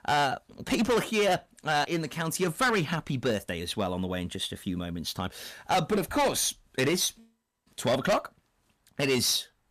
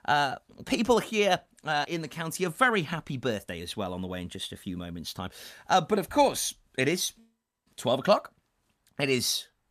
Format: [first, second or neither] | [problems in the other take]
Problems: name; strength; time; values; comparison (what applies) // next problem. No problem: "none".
second | distortion; heavy; 7% of the sound clipped